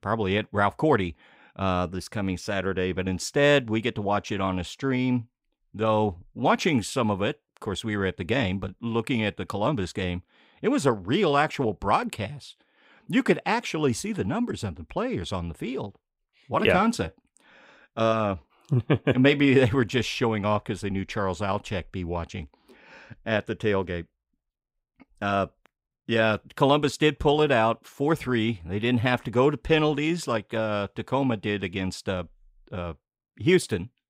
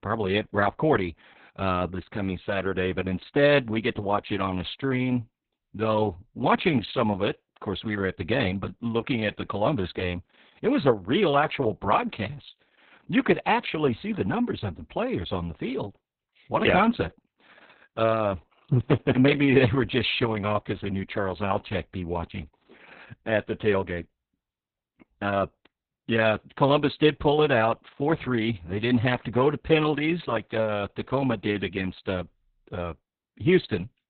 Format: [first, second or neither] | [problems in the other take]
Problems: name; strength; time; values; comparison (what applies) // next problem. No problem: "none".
first | garbled, watery; badly; nothing above 4 kHz